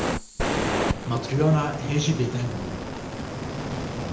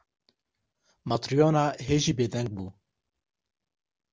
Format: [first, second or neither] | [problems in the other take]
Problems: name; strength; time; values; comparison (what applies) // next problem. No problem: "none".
second | background sound (Fire); 1 dB below the speech // room echo; dies away in 0.8 s